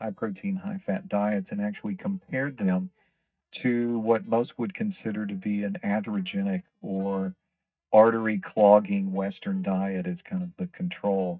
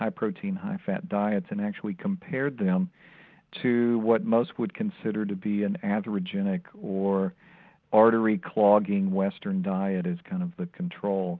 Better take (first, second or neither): second